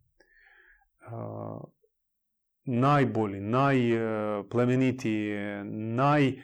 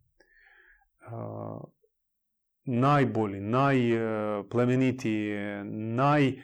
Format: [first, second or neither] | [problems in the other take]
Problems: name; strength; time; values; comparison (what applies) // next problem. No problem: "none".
neither | distortion; slight; 10 dB below the speech; the same in both